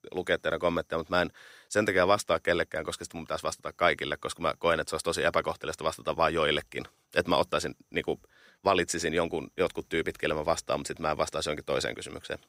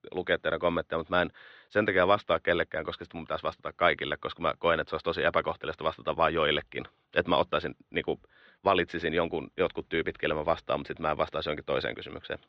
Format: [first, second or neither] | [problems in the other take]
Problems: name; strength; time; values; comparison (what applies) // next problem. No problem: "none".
first | muffled; very; fading above 3.5 kHz